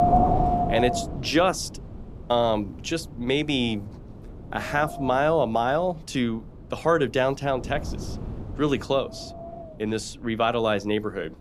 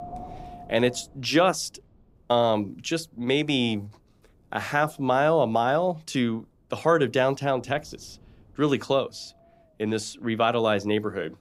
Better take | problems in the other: second | wind noise on the microphone; heavy; 2 dB below the speech; occasional gusts in the second

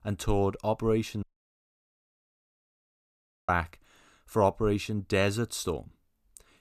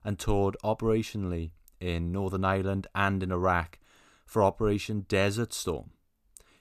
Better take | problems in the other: second | audio cutting out; at 1 s for 2.5 s

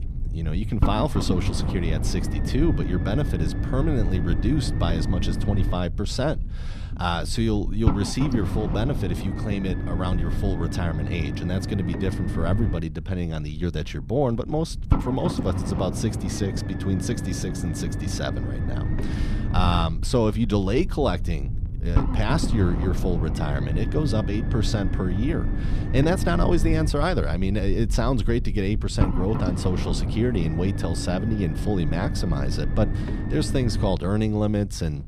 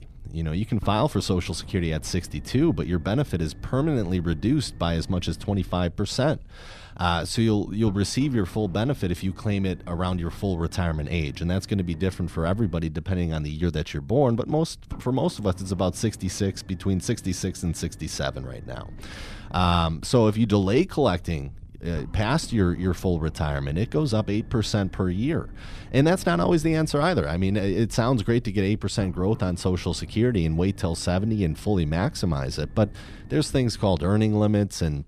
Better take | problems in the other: second | low rumble; loud; throughout; 7 dB below the speech; faint in the second

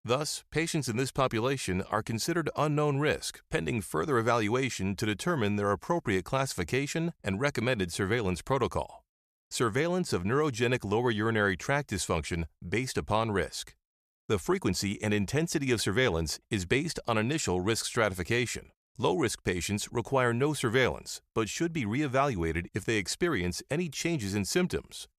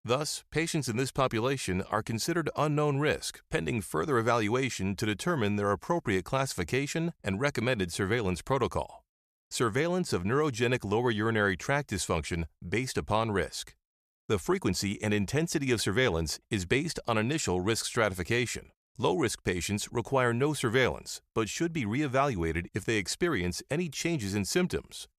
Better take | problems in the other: neither | none

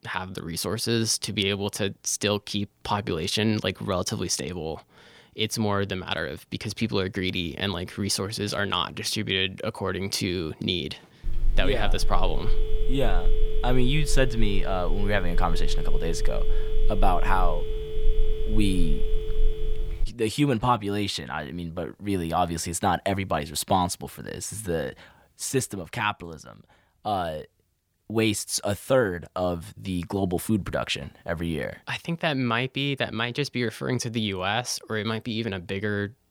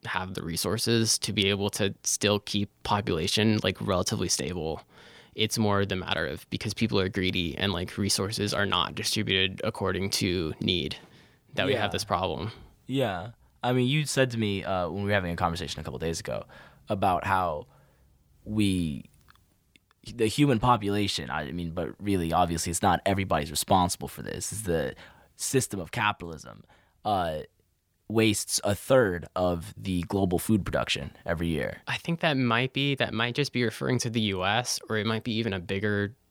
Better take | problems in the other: second | phone ringing; noticeable; from 11 to 20 s; peak 1 dB below the speech

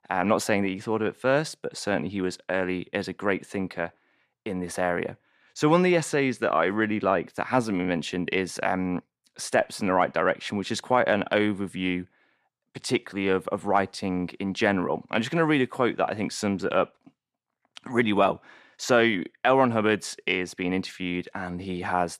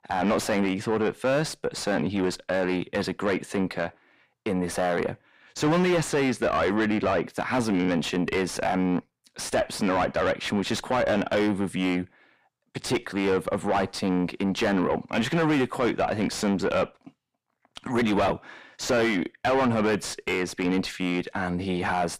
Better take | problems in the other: first | distortion; heavy; 6 dB below the speech

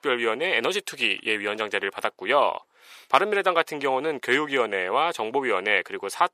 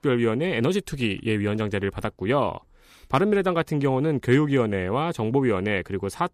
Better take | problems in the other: second | thin; very; fading below 650 Hz

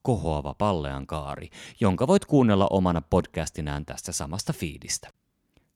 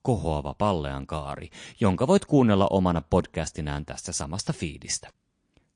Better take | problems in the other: first | garbled, watery; slightly; nothing above 8.5 kHz

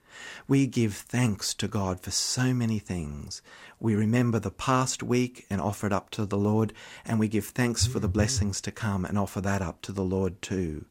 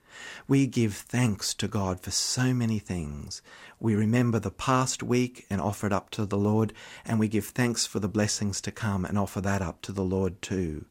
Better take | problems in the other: second | phone ringing; noticeable; at 8 s; peak 1 dB below the speech

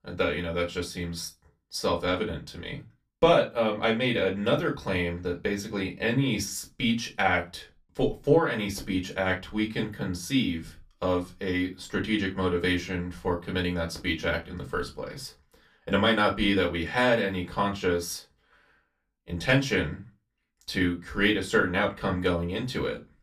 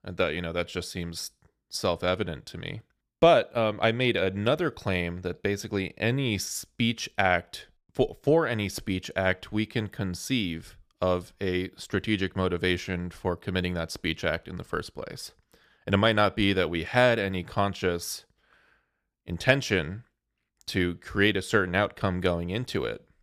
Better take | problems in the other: second | off-mic speech; far // room echo; very slight; dies away in 0.2 s

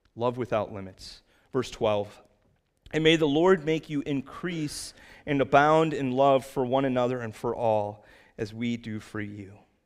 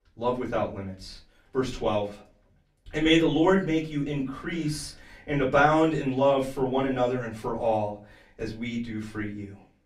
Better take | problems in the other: first | off-mic speech; far // room echo; very slight; dies away in 0.3 s

